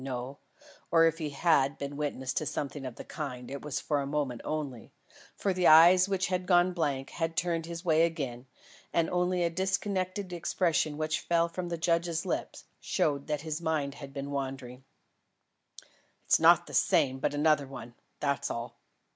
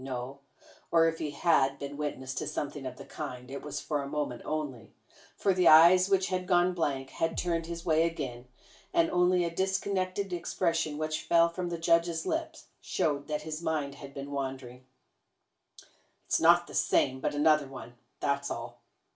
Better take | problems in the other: first | background sound (Bass drum); 17 dB below the speech // room echo; dies away in 0.2 s

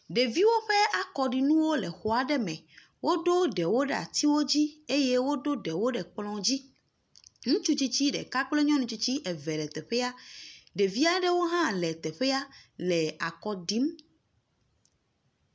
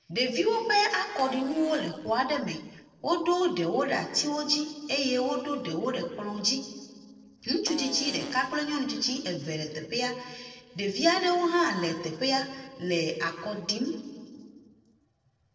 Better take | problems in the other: first | noise reduction (neural separator model SepFormer DNS4)

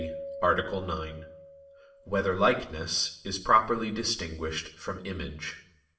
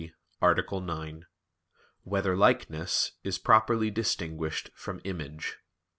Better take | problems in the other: second | background sound (Keyboard (musical)); 16 dB below the speech // room echo; dies away in 0.6 s

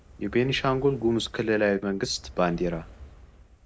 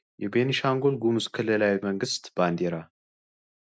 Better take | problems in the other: second | background sound (Fire); 19 dB below the speech

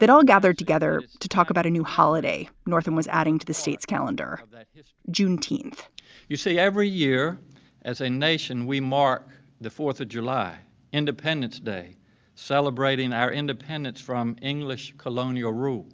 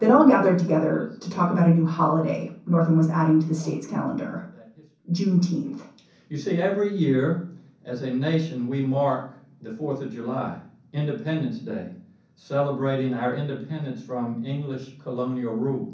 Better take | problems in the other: first | room echo; dies away in 0.6 s

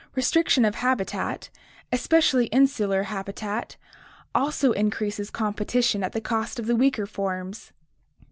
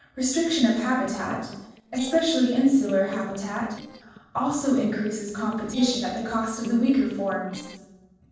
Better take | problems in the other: first | noise reduction (neural separator model SepFormer DNS4)

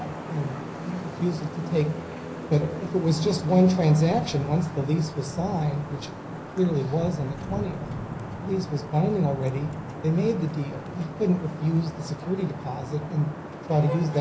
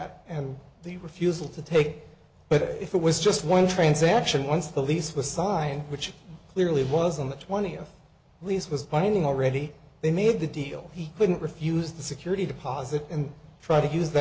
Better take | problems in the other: second | background sound (Traffic noise, roadway noise / Vehicle horn, car horn, honking); 10 dB below the speech // room echo; dies away in 0.4 s

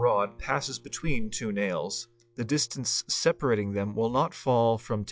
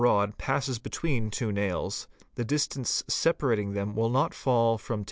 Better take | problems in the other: second | noise reduction (classical method log-MMSE)

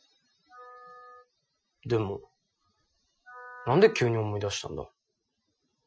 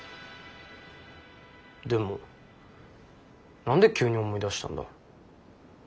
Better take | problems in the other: second | noise reduction (classical method Wiener filter)

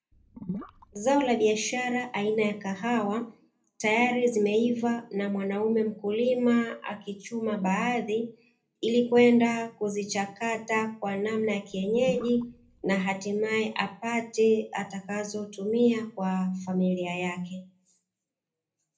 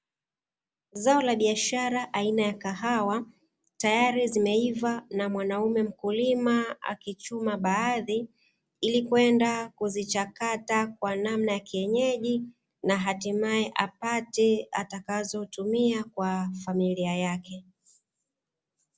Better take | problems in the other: second | background sound (Gurgling / Liquid); 13 dB below the speech // room echo; dies away in 0.3 s

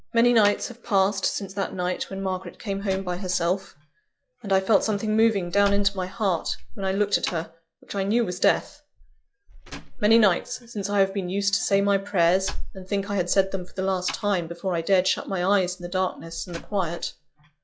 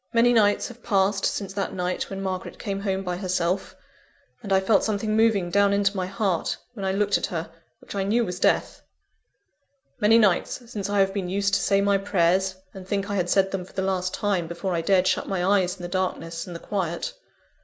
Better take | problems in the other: second | noise reduction (classical method log-MMSE)

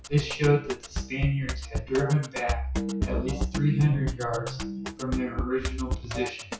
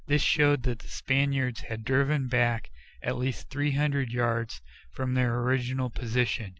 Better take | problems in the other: second | noise reduction (classical method WPE with log-MMSE)

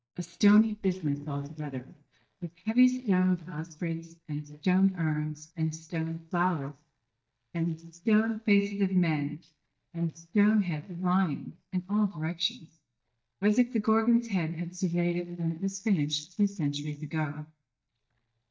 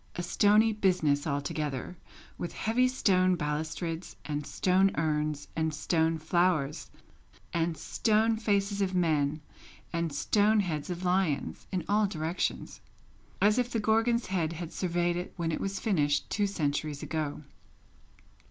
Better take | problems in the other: second | noise reduction (neural mask model DeepFilterNet 3)

